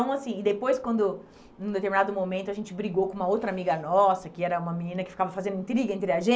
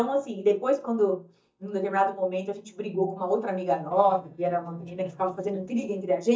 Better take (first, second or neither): first